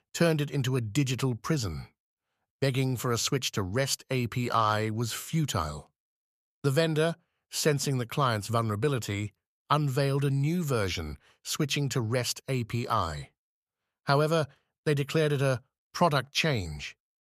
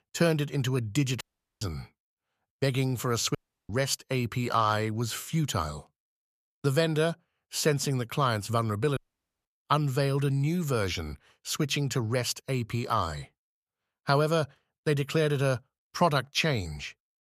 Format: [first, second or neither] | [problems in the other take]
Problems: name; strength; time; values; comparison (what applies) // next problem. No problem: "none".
first | audio cutting out; at 1 s, at 3.5 s and at 9 s